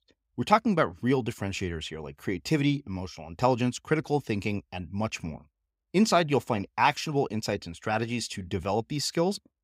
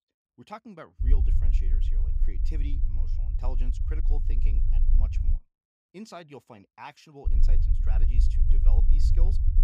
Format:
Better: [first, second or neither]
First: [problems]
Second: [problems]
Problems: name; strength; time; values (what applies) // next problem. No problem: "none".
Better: first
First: none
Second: low rumble; loud; from 1 to 5.5 s and from 7.5 s on; 3 dB below the speech